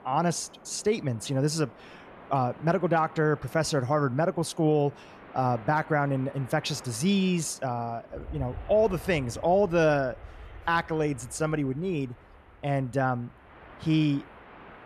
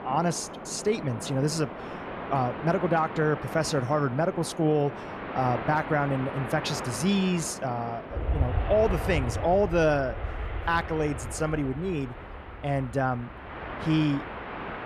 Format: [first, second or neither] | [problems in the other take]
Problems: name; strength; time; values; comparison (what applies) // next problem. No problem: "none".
first | train or aircraft noise; loud; throughout; 8 dB below the speech; faint in the first